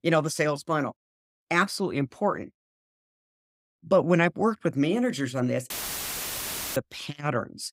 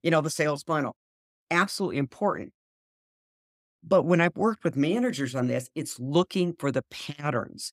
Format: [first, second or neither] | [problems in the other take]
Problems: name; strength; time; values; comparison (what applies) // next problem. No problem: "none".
second | audio cutting out; filled with static; at 5.5 s for 1 s